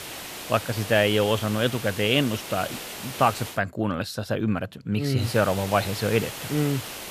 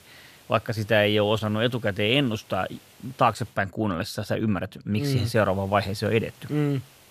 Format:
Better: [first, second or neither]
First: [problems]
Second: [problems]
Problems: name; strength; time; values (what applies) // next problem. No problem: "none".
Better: second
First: hiss; loud; until 3.5 s and from 5 s on; 10 dB below the speech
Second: hiss; faint; until 3.5 s and from 5 s on; 25 dB below the speech